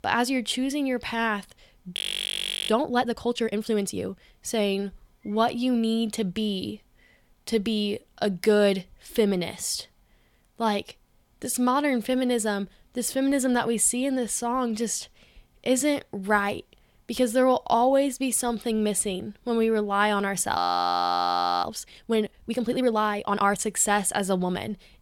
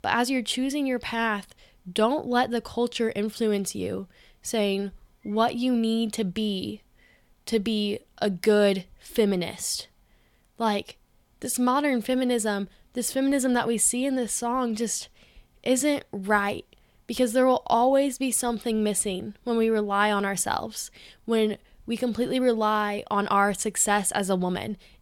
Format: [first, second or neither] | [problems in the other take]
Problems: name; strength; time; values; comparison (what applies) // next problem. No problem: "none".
second | audio freezing; at 2 s for 0.5 s and at 21 s for 1 s